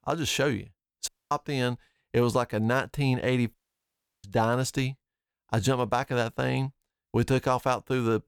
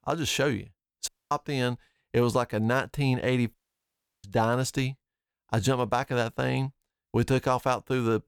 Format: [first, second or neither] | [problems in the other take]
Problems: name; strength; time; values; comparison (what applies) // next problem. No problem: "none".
neither | audio cutting out; at 1 s and at 3.5 s for 0.5 s; the same in both